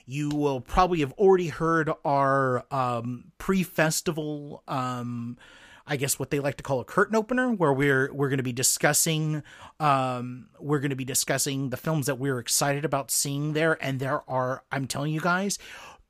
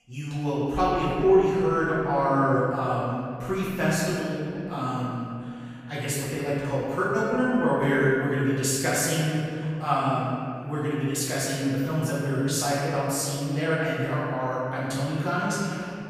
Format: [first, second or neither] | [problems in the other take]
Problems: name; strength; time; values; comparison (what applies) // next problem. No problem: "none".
first | off-mic speech; far // room echo; strong; dies away in 2.4 s